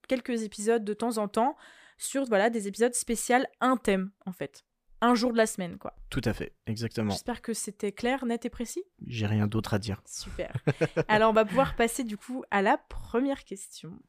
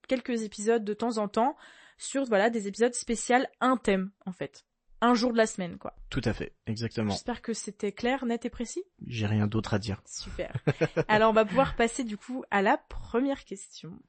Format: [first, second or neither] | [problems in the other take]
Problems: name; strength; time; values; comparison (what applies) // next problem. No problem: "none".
first | garbled, watery; slightly; nothing above 8 kHz